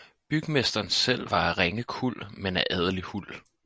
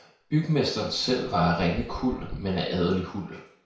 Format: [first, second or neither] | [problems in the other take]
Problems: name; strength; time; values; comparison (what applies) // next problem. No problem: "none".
first | background sound (Dog); 15 dB below the speech // room echo; dies away in 0.6 s